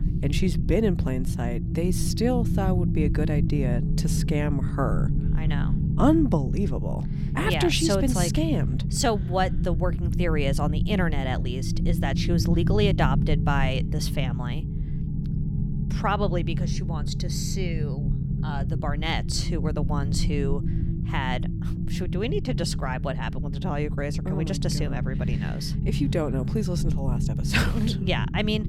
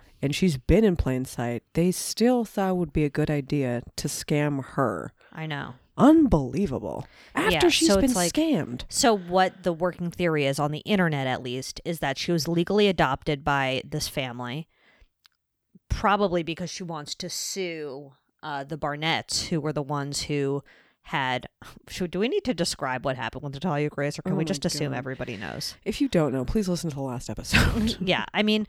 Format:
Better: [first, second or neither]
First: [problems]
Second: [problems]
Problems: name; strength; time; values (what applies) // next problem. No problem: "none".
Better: second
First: low rumble; loud; throughout; 8 dB below the speech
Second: none